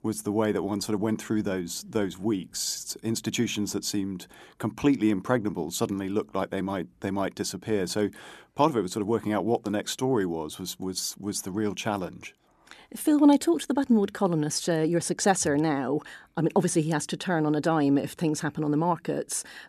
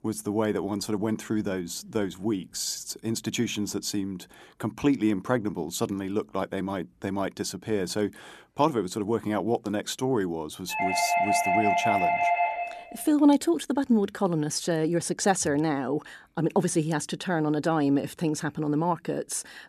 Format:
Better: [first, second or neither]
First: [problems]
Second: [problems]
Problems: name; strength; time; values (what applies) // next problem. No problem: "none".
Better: first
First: none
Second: doorbell; loud; from 11 to 13 s; peak 4 dB above the speech